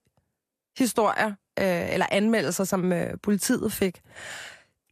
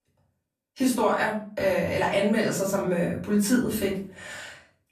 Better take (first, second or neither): first